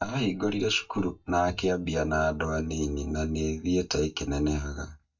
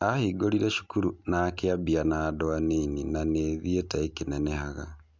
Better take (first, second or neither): second